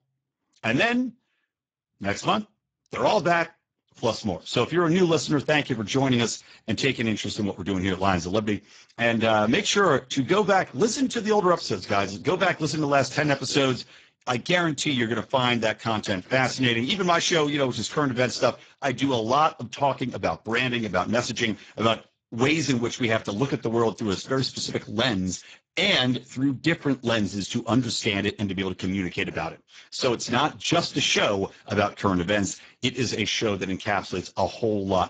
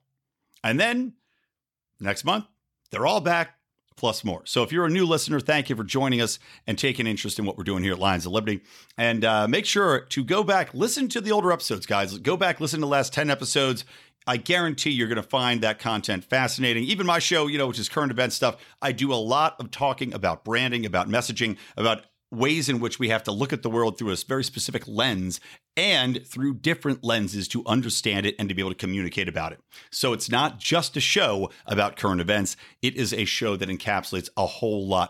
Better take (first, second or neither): second